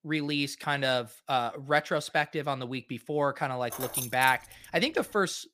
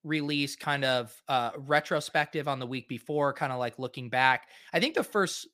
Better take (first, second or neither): second